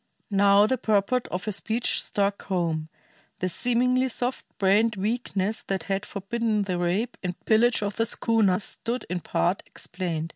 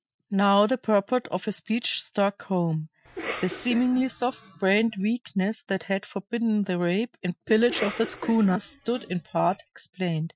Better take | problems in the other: first | noise reduction (classical method Wiener filter)

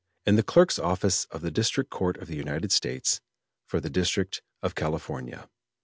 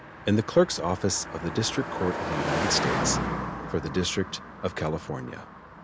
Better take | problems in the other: first | background sound (Car passing by); 4 dB below the speech

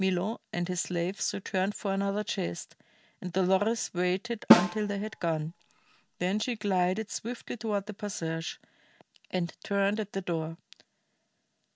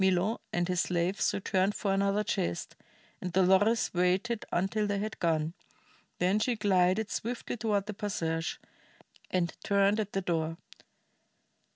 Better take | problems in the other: second | background sound (Snare drum); 3 dB above the speech

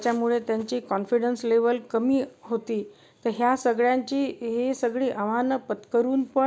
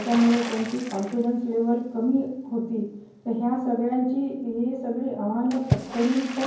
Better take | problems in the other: first | background sound (Water / Splash, splatter); 11 dB below the speech // room echo; dies away in 0.9 s

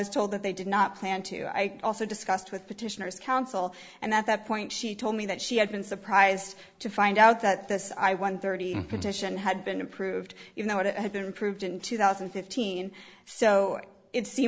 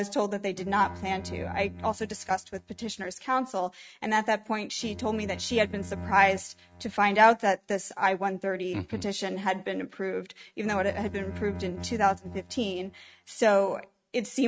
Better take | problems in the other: first | noise reduction (neural mask model RNNoise)

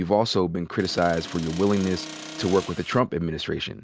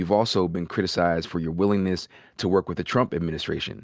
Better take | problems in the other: second | background sound (Accelerating, revving, vroom); 13 dB below the speech

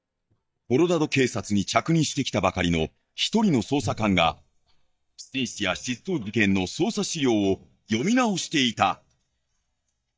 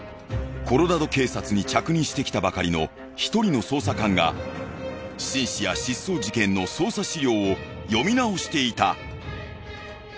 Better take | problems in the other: second | noise reduction (neural mask model DeepFilterNet 3)

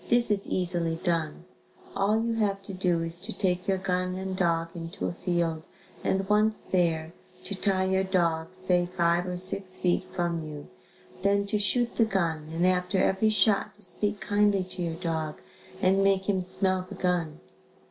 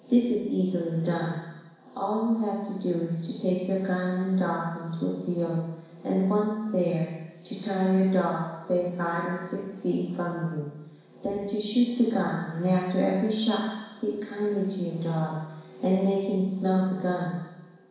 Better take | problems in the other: first | room echo; dies away in 1.1 s

